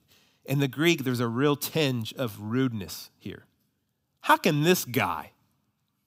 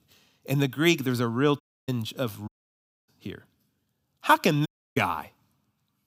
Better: first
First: none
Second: audio cutting out; at 1.5 s, at 2.5 s for 0.5 s and at 4.5 s

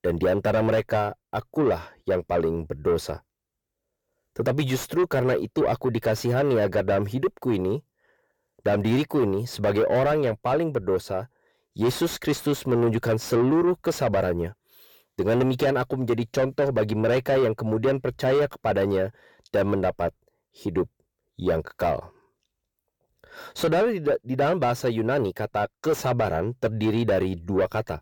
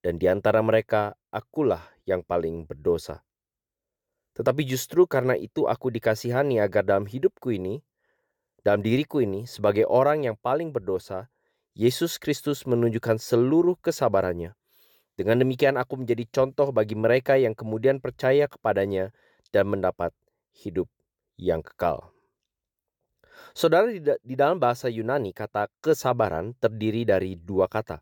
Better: second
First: distortion; heavy; 7 dB below the speech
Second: none

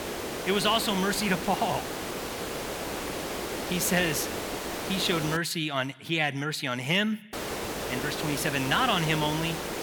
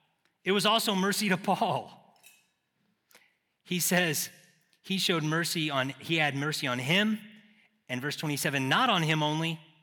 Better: second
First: hiss; loud; until 5.5 s and from 7.5 s on; 5 dB below the speech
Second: none

